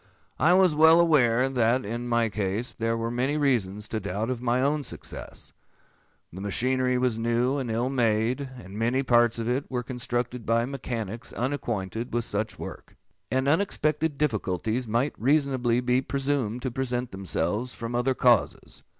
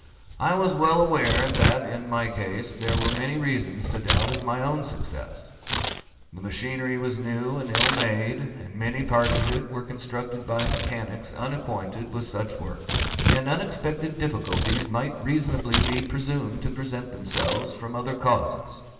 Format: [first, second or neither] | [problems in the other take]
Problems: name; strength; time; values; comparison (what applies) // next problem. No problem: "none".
first | background sound (Tearing); 3 dB below the speech // room echo; dies away in 2.6 s